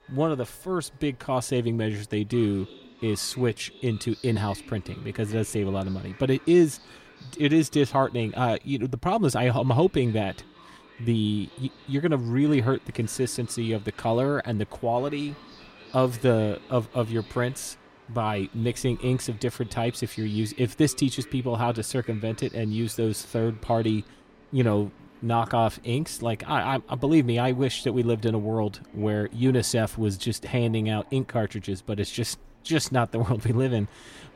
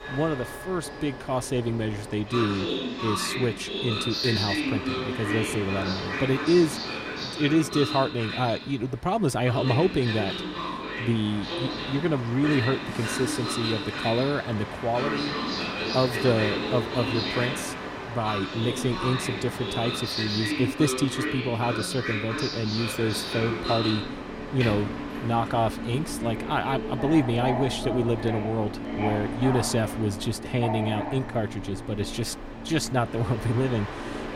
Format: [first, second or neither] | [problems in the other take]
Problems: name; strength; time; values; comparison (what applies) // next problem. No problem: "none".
first | train or aircraft noise; loud; throughout; 3 dB below the speech; faint in the first